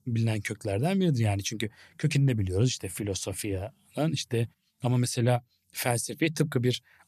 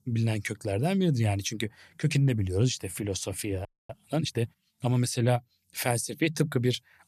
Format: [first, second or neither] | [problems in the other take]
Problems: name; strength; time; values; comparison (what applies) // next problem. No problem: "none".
first | audio freezing; at 3.5 s